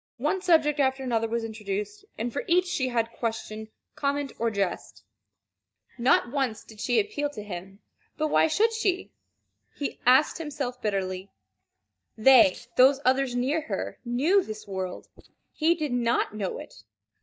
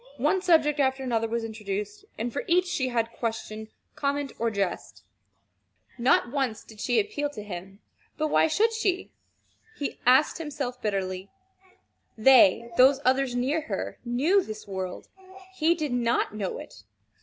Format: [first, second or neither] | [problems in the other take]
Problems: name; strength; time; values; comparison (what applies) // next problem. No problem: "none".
second | noise reduction (neural mask model DeepFilterNet 3)